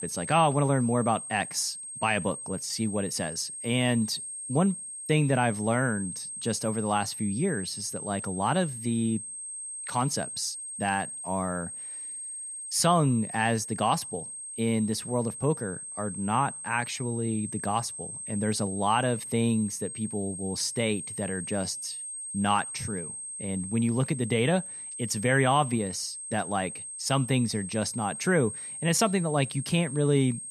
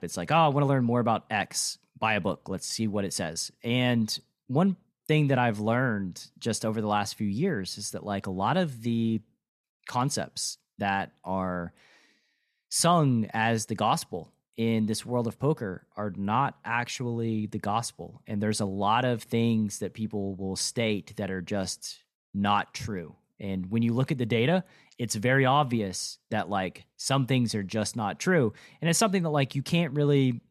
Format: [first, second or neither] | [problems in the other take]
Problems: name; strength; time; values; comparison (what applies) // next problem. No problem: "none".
second | high-pitched whine; loud; throughout; 8.5 kHz, 8 dB below the speech